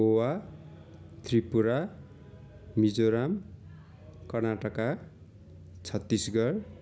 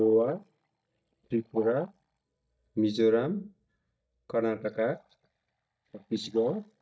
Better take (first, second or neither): first